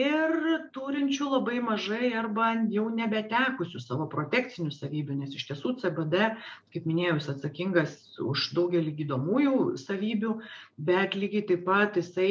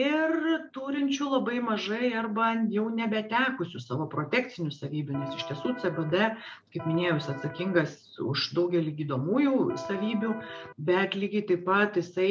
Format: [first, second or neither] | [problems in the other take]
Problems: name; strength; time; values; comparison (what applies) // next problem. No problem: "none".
first | background sound (Electric guitar); 12 dB below the speech